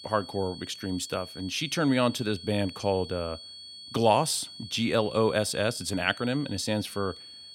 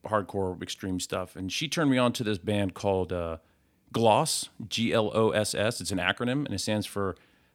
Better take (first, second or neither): second